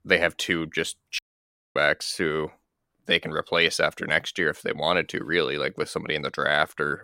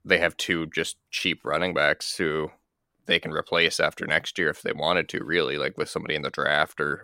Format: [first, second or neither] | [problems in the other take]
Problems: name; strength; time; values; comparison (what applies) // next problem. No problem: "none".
second | audio cutting out; at 1 s for 0.5 s